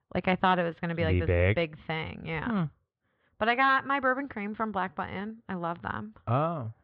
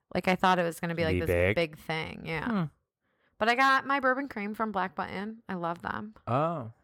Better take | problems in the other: second | muffled; slightly; fading above 3.5 kHz

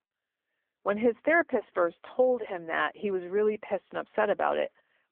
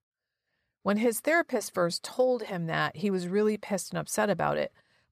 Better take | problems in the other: second | phone-call audio; poor line

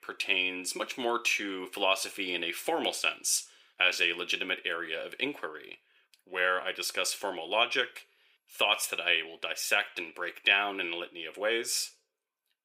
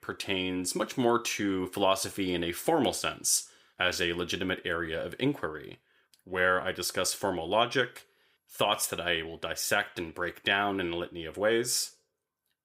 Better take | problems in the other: second | thin; very slightly; fading below 350 Hz

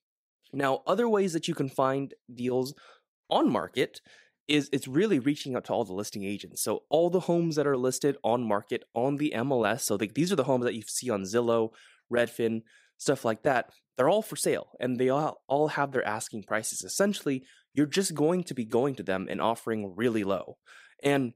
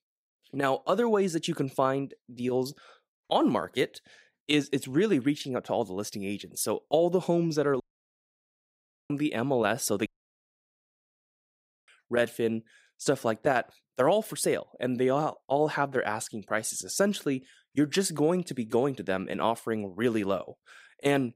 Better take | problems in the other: first | audio cutting out; at 8 s for 1.5 s and at 10 s for 2 s

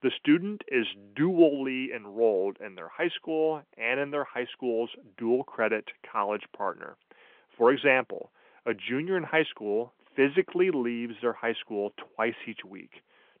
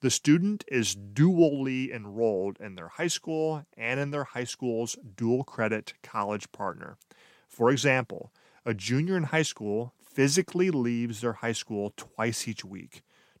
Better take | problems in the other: second | phone-call audio; nothing above 3.5 kHz

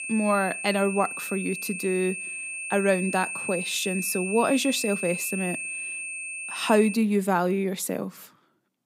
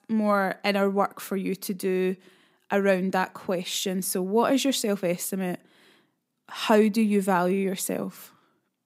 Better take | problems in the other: second | high-pitched whine; loud; until 7 s; 2.5 kHz, 5 dB below the speech

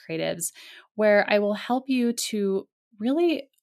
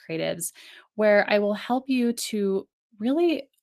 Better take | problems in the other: first | garbled, watery; slightly; nothing above 14.5 kHz

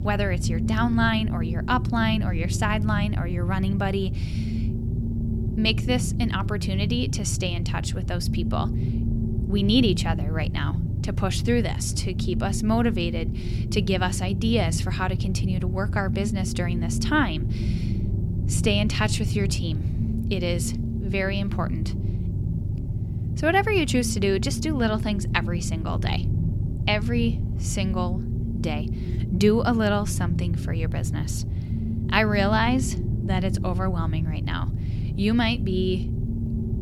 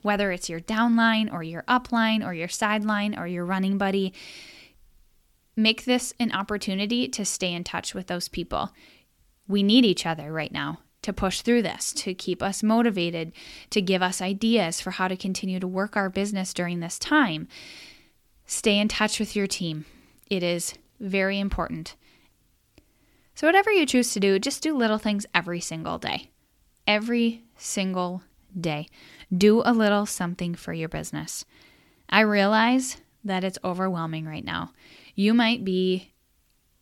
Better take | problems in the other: second | low rumble; noticeable; throughout; 10 dB below the speech

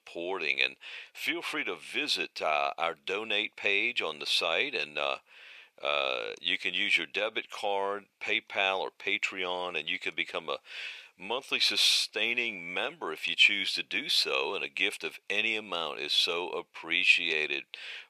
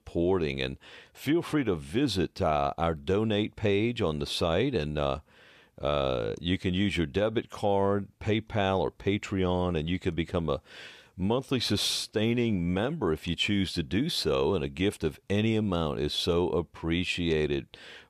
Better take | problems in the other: second | thin; very; fading below 650 Hz

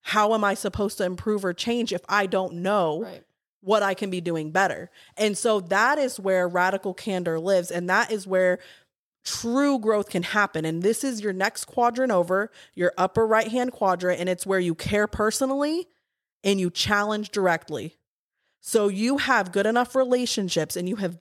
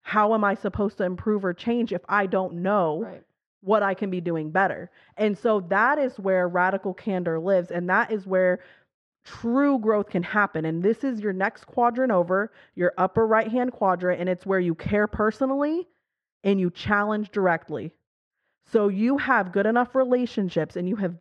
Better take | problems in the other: first | muffled; very; fading above 1.5 kHz

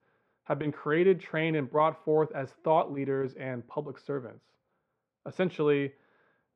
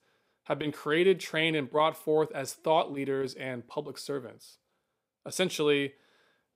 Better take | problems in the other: second | muffled; very; fading above 1.5 kHz

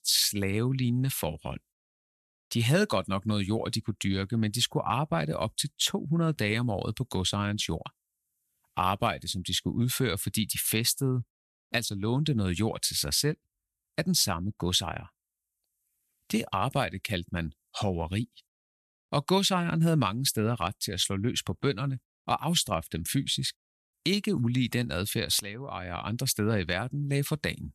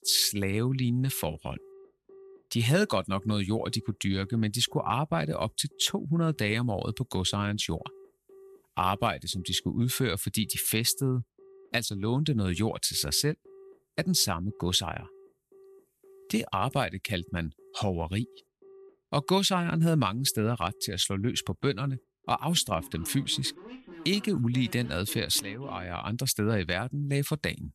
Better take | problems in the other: first | alarms or sirens; faint; throughout; 25 dB below the speech

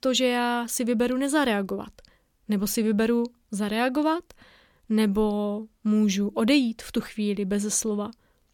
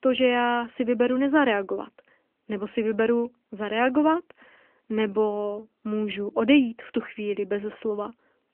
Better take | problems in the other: first | phone-call audio; nothing above 3 kHz

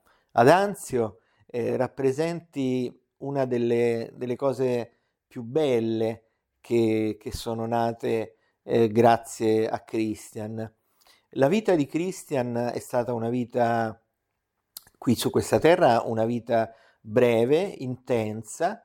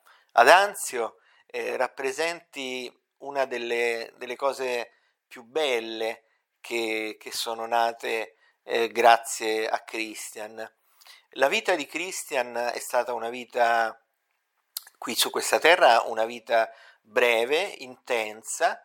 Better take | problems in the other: first | thin; very; fading below 800 Hz

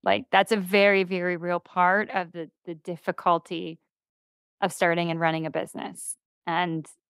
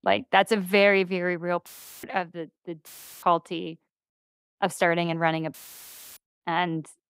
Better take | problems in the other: first | audio cutting out; filled with static; at 1.5 s, at 3 s and at 5.5 s for 0.5 s

